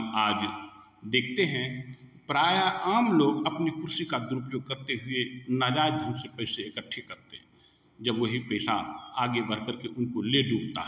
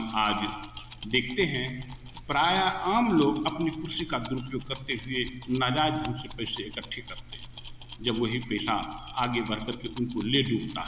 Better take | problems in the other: first | background sound (Keys jangling); 14 dB below the speech

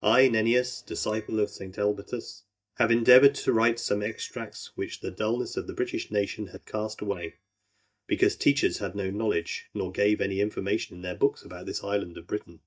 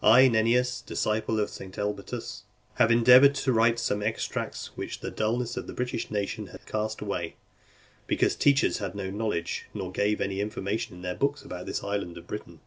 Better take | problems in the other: second | noise reduction (neural mask model DeepFilterNet 3)

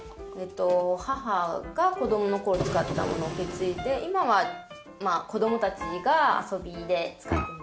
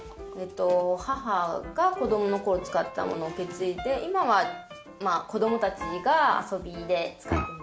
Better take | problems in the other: second | background sound (Printer); 6 dB below the speech

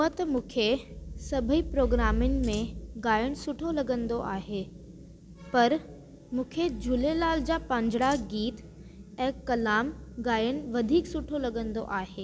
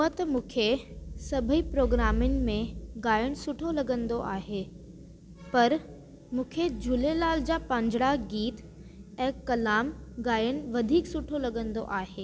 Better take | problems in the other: second | background sound (Scissors); 19 dB below the speech

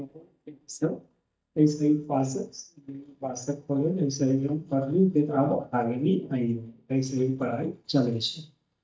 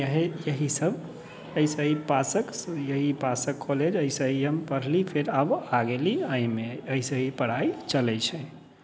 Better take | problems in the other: second | noise reduction (neural mask model DeepFilterNet 3)

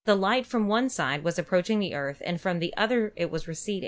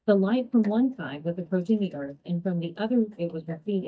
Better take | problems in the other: first | noise reduction (neural mask model DeepFilterNet 3)

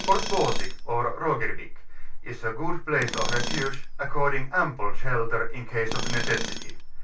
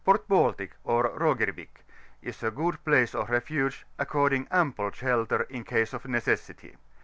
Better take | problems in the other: second | background sound (Tools); 14 dB below the speech // room echo; dies away in 0.2 s

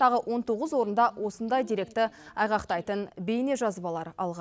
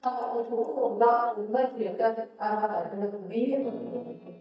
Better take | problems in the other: first | noise reduction (neural mask model DeepFilterNet 3)

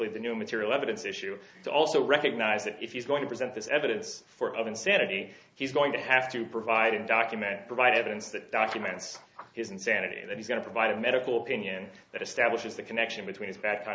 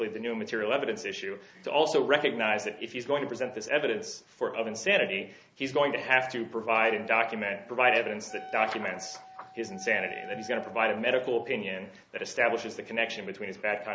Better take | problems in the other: first | background sound (Wind instrument, woodwind instrument); 16 dB below the speech

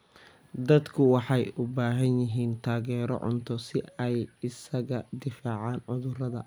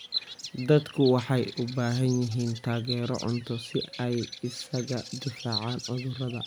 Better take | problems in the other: first | background sound (Bird vocalization, bird call, bird song); 12 dB below the speech

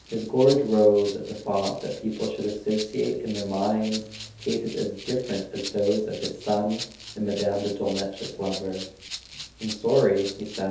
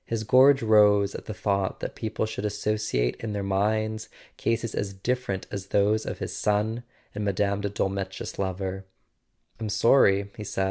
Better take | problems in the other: second | background sound (Rattle (instrument)); 14 dB below the speech // room echo; dies away in 0.6 s

